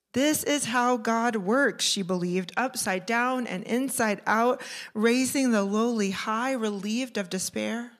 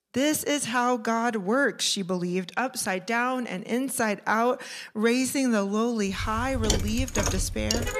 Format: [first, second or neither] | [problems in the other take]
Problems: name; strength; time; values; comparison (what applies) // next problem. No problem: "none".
first | traffic noise; loud; from 6 s on; 3 dB below the speech